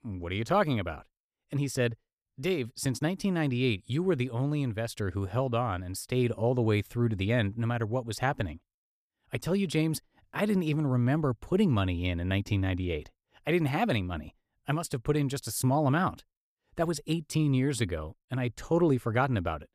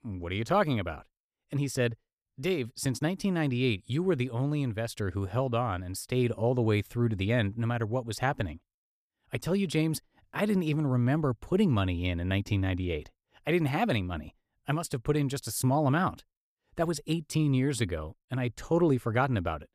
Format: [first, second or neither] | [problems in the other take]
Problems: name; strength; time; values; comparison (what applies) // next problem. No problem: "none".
neither | none